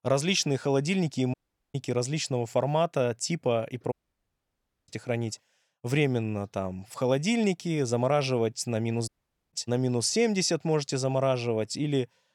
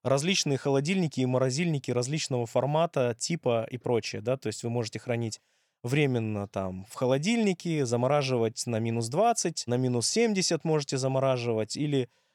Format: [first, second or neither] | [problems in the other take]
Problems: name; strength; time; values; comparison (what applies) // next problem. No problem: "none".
second | audio cutting out; at 1.5 s, at 4 s for 1 s and at 9 s